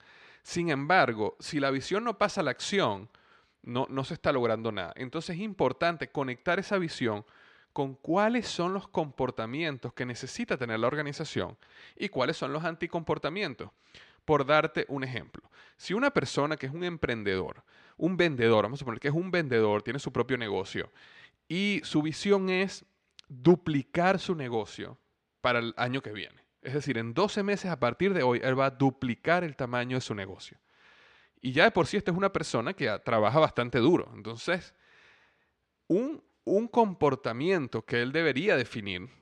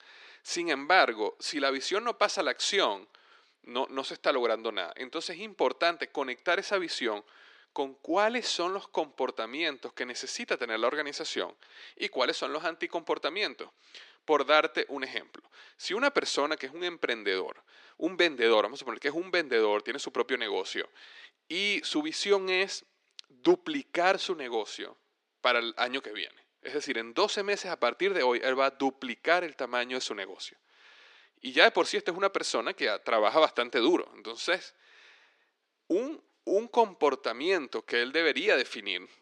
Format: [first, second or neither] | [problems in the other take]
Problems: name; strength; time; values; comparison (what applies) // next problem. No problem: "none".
first | thin; somewhat; fading below 300 Hz